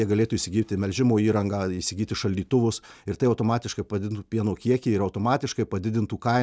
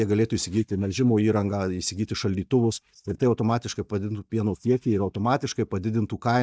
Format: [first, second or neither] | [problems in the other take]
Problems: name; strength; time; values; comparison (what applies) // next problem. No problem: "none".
first | noise reduction (neural mask model DeepFilterNet 3)